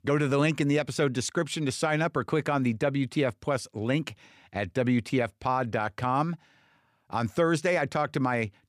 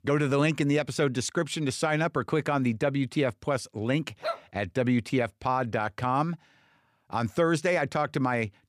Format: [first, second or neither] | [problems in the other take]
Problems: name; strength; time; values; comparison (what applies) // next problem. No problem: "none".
first | dog barking; noticeable; at 4 s; peak 7 dB below the speech